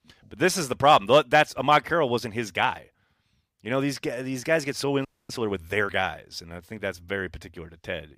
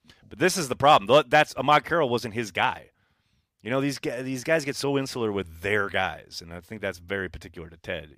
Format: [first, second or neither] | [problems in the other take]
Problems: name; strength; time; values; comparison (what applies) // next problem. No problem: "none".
second | audio freezing; at 5 s